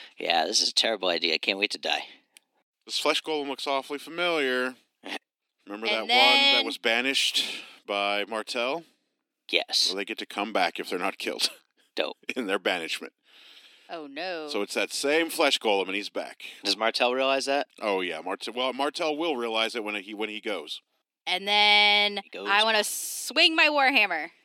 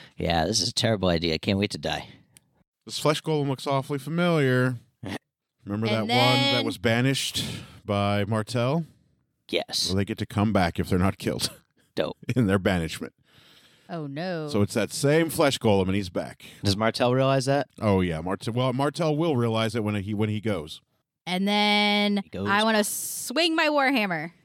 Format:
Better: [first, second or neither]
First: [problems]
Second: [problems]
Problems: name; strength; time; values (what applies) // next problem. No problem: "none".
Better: second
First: thin; somewhat; fading below 250 Hz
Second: none